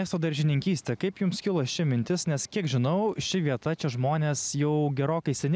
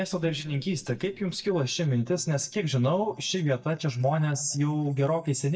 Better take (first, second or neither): first